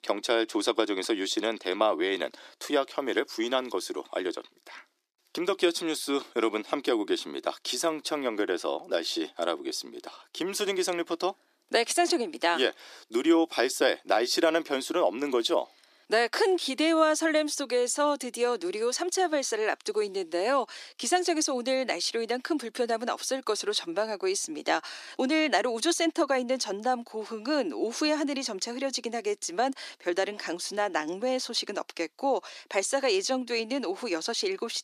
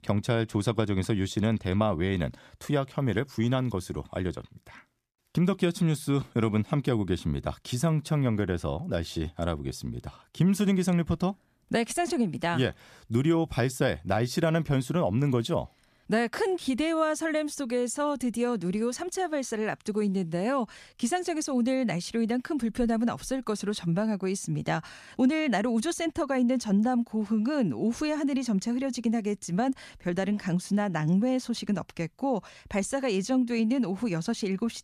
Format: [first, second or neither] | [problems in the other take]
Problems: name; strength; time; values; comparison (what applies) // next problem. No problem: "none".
second | thin; somewhat; fading below 300 Hz